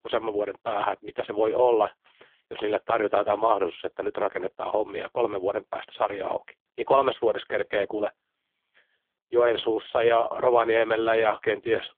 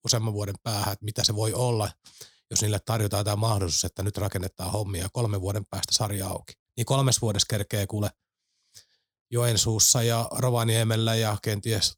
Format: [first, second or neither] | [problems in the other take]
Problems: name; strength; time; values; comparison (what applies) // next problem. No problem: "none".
second | phone-call audio; poor line; nothing above 3.5 kHz